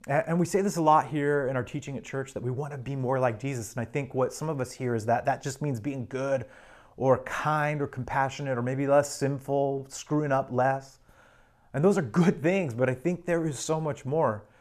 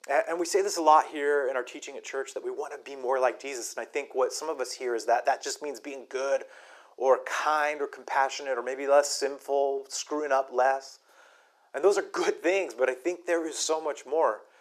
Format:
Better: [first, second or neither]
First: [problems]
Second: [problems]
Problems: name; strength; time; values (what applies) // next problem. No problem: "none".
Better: first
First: none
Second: thin; very; fading below 350 Hz